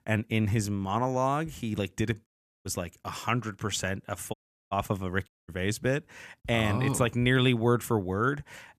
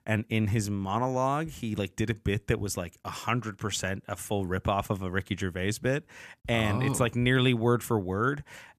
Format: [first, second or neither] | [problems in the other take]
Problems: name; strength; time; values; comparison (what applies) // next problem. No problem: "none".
second | audio cutting out; at 2.5 s, at 4.5 s and at 5.5 s